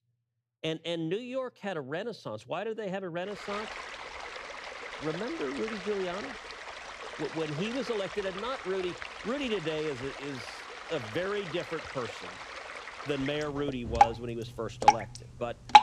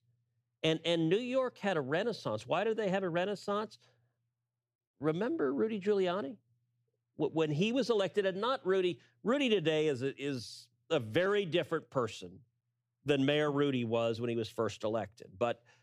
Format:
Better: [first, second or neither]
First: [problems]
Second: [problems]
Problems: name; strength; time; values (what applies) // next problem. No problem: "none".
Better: second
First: rain or running water; very loud; from 3.5 s on; 1 dB above the speech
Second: none